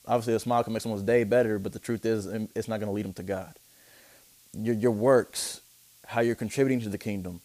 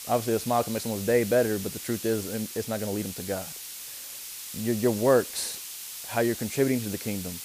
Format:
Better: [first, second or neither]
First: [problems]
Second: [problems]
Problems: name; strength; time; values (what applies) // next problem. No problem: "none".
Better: first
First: hiss; faint; throughout; 25 dB below the speech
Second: hiss; loud; throughout; 8 dB below the speech